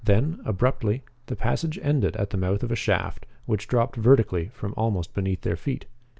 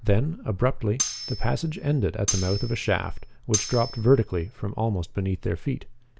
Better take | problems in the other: first | background sound (Cutlery, silverware); 8 dB below the speech

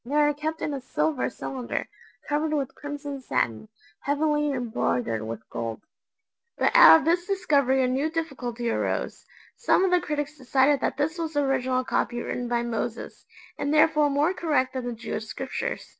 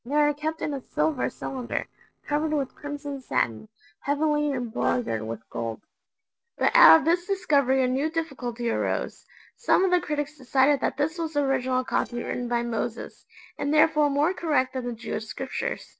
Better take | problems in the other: first | noise reduction (neural separator model SepFormer DNS4)

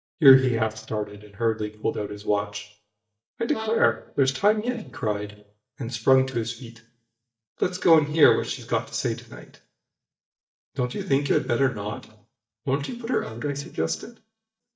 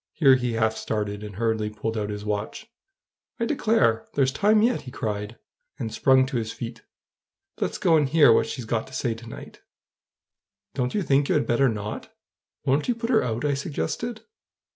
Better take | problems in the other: second | noise reduction (neural mask model DeepFilterNet 3)

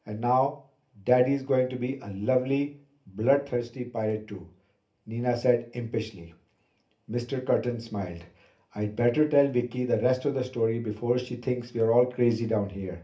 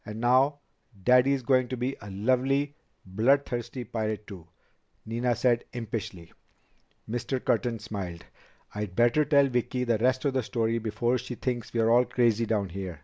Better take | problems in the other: second | room echo; dies away in 0.3 s

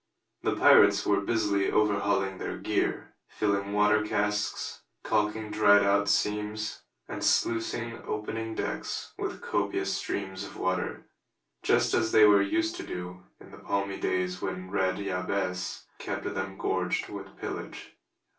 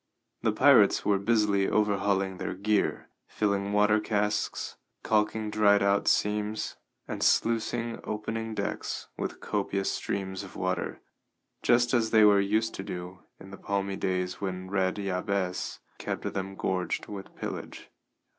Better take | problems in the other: second | room echo; dies away in 0.2 s

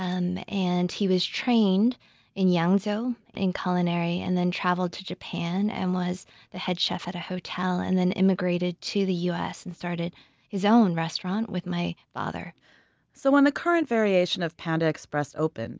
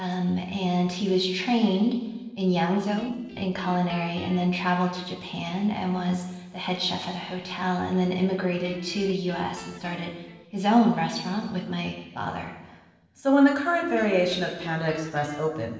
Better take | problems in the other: first | noise reduction (neural separator model SepFormer DNS4)

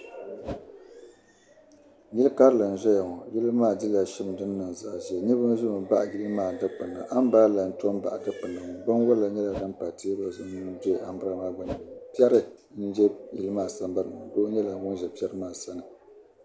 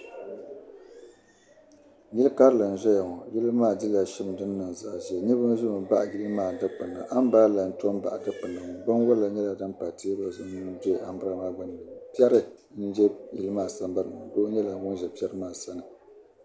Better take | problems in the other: second | background sound (Whoosh, swoosh, swish); 12 dB below the speech

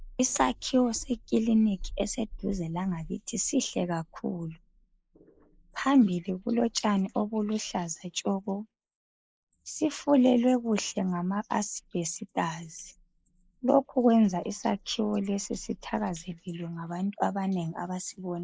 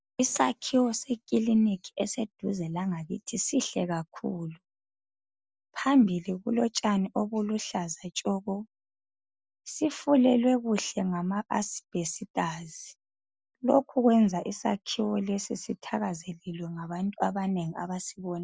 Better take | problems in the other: second | noise reduction (neural mask model Resemble Enhance denoiser)

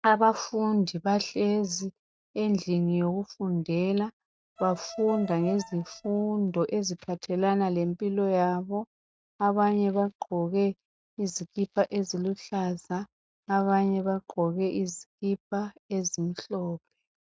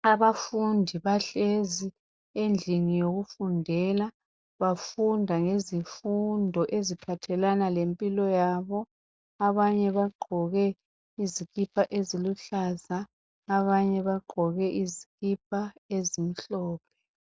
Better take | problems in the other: second | noise reduction (neural mask model RNNoise)

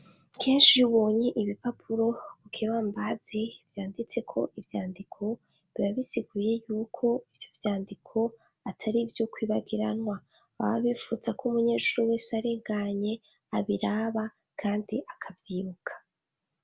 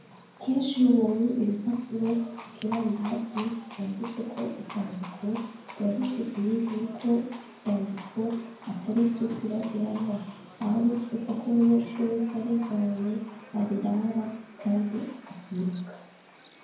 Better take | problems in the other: first | background sound (Livestock, farm animals, working animals); 18 dB below the speech // room echo; dies away in 0.9 s

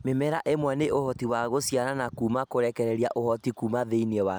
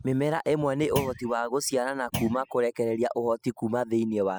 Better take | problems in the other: first | noise reduction (classical method spectral subtraction)

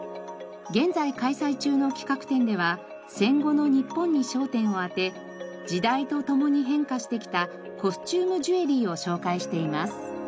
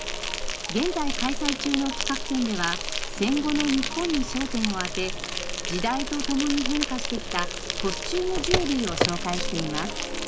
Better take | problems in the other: first | background sound (Car + Insect); 1 dB below the speech

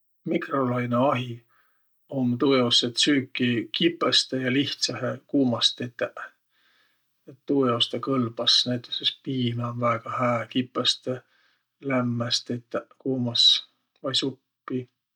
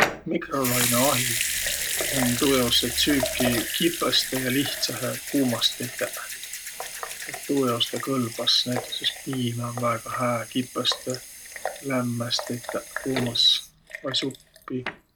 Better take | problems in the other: first | background sound (Sink (filling or washing) / Water tap, faucet / Liquid); 4 dB below the speech

